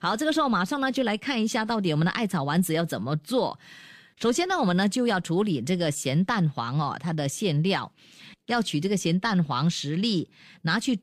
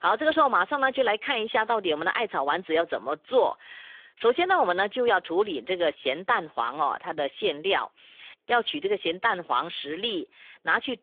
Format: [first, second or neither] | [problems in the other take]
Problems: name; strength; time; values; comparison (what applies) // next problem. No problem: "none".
first | phone-call audio; nothing above 3.5 kHz